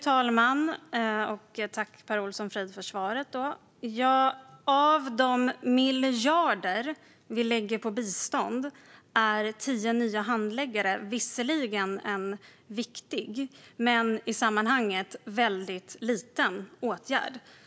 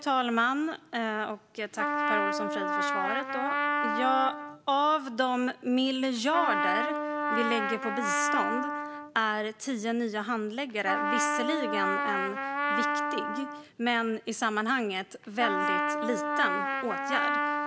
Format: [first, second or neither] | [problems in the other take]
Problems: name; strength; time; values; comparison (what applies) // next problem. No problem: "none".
first | background sound (Trumpet); 1 dB below the speech